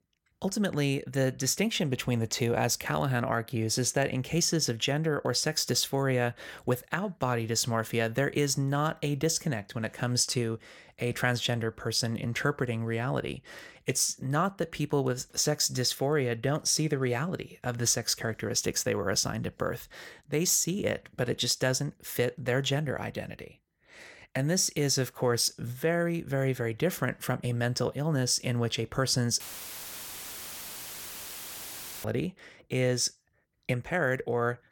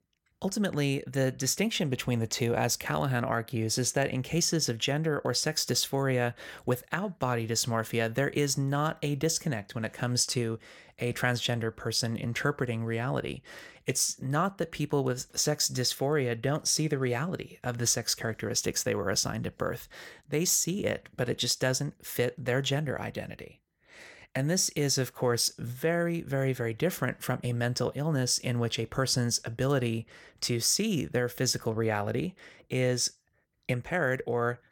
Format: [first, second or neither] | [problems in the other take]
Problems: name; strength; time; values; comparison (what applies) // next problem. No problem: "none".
second | audio cutting out; filled with static; at 29 s for 2.5 s